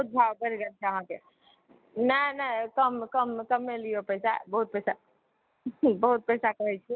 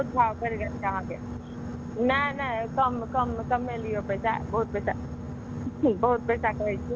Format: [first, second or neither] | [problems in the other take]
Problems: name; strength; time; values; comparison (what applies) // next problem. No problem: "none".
first | background sound (Boat, Water vehicle); 7 dB below the speech